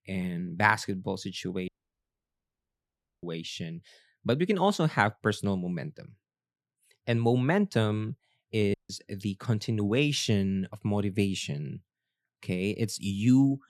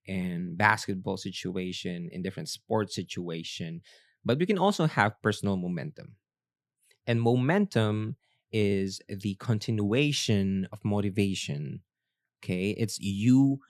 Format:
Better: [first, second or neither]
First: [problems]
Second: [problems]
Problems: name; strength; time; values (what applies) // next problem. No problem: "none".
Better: second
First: audio cutting out; at 1.5 s for 1.5 s and at 8.5 s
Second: none